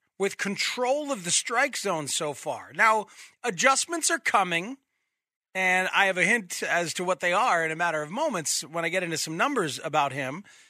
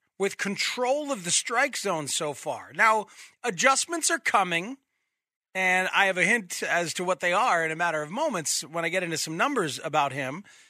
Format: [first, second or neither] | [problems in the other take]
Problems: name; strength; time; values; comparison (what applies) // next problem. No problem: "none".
neither | thin; very slightly; fading below 350 Hz; the same in both